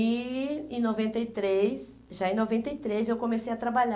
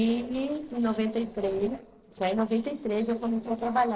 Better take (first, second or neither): first